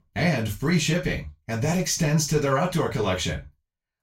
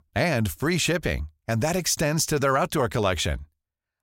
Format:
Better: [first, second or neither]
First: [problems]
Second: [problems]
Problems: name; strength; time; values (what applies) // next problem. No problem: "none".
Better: second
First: room echo; slight; dies away in 0.2 s // off-mic speech; far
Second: none